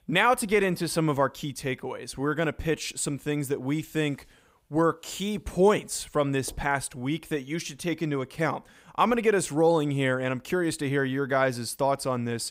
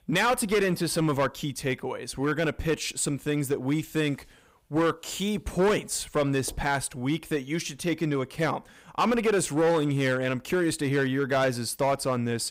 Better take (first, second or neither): first